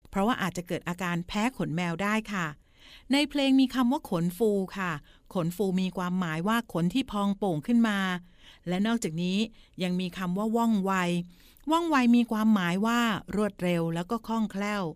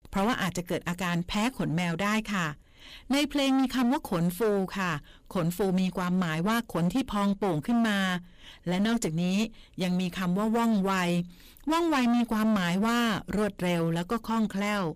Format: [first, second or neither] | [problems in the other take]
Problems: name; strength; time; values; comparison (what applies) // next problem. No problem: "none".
first | distortion; heavy; 20% of the sound clipped